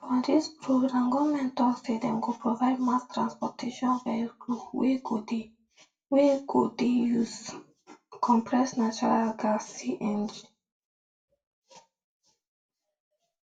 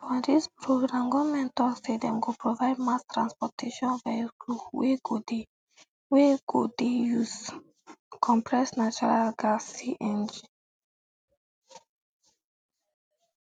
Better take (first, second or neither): second